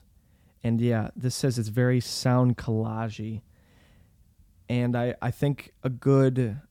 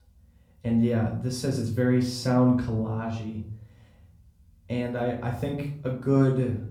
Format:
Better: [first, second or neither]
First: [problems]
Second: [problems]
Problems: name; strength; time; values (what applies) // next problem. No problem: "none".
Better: first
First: none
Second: off-mic speech; far // room echo; noticeable; dies away in 0.5 s